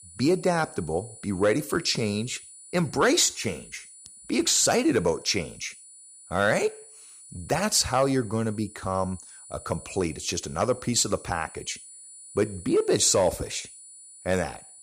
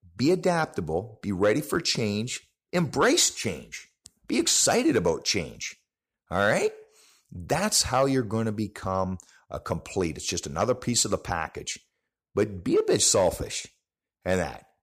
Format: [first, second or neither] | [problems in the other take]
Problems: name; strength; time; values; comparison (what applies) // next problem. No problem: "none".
second | high-pitched whine; noticeable; throughout; 9.5 kHz, 20 dB below the speech